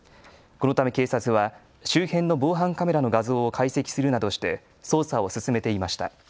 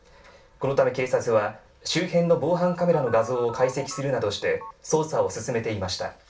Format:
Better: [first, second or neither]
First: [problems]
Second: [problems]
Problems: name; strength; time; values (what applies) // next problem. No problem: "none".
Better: first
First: none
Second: background sound (Telephone); 16 dB below the speech // room echo; dies away in 0.3 s